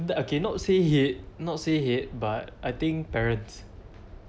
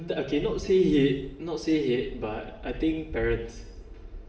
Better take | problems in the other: first | room echo; dies away in 0.8 s

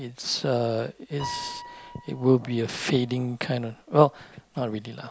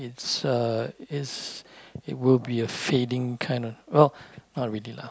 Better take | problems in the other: second | background sound (Piano); 18 dB below the speech

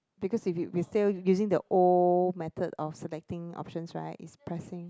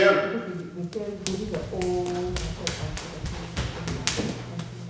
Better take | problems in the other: first | background sound (Run); 4 dB above the speech // room echo; dies away in 0.6 s

